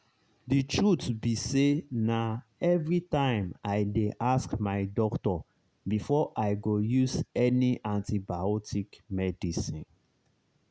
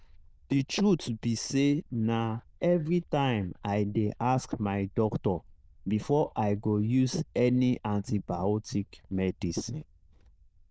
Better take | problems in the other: first | noise reduction (neural diffusion model UNIVERSE++)

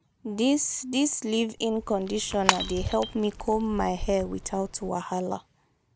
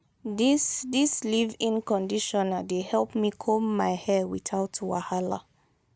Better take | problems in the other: second | background sound (Shatter / Crushing); 6 dB below the speech

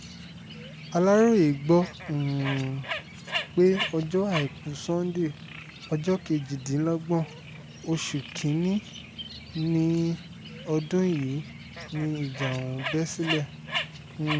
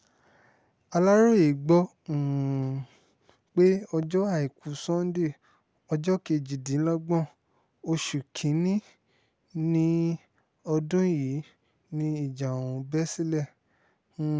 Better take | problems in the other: second | background sound (Bird); 11 dB below the speech

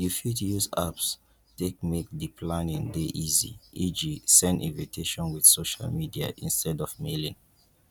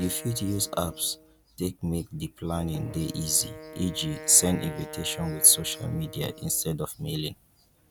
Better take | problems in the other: first | background sound (Wind instrument, woodwind instrument); 16 dB below the speech

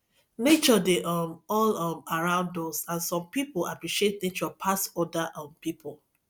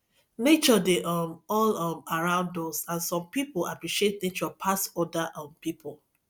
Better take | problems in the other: second | background sound (Snare drum); 13 dB below the speech

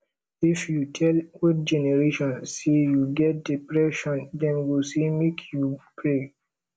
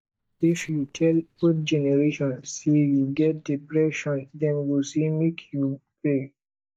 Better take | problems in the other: first | noise reduction (neural mask model DeepFilterNet 3)

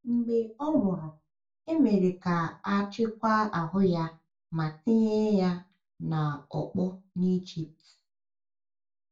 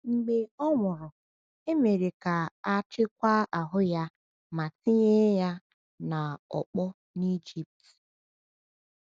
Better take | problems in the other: second | room echo; dies away in 0.2 s

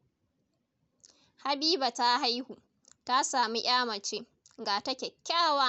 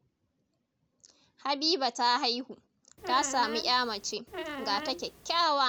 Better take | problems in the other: first | background sound (Squeak); 10 dB below the speech

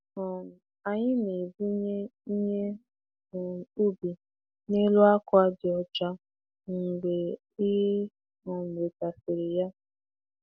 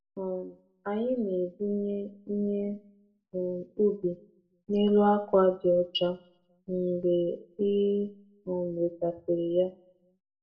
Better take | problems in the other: first | room echo; dies away in 0.3 s

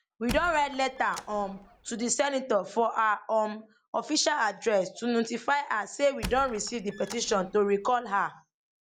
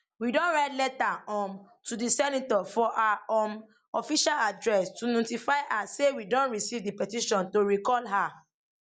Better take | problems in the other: second | background sound (Squeak); 15 dB below the speech

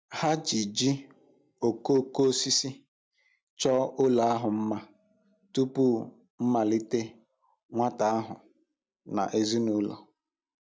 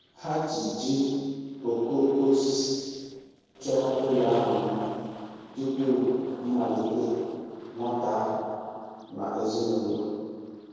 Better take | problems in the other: first | noise reduction (neural separator model SepFormer DNS4)

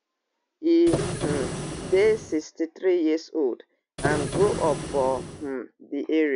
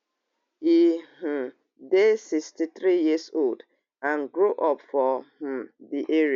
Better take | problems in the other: second | background sound (Printer); 5 dB below the speech

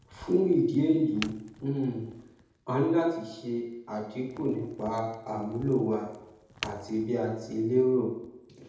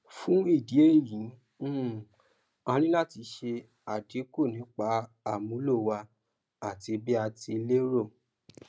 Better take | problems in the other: second | background sound (Crack); 20 dB below the speech // room echo; dies away in 0.8 s

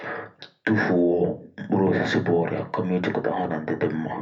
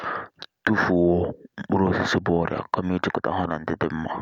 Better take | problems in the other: second | room echo; dies away in 0.3 s

